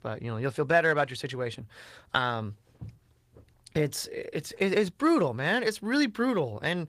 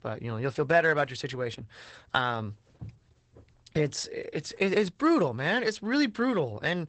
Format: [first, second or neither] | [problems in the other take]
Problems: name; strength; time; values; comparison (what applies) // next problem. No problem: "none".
first | garbled, watery; badly; nothing above 8 kHz; slightly in the first